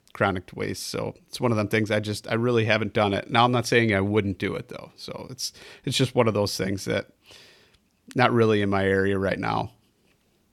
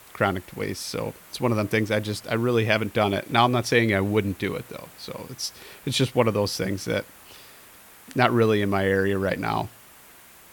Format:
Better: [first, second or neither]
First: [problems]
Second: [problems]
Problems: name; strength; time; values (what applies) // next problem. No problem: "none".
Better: first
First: none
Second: hiss; faint; throughout; 20 dB below the speech